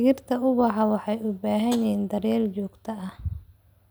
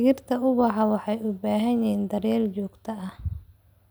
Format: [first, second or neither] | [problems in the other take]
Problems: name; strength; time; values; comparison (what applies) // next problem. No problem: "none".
second | background sound (Tap); 20 dB below the speech